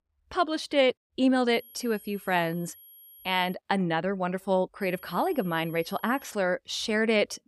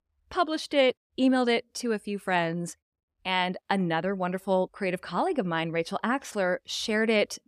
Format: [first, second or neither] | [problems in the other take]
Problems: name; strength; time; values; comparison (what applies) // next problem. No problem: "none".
second | high-pitched whine; faint; from 1.5 to 3.5 s and from 5 to 6.5 s; 11.5 kHz, 20 dB below the speech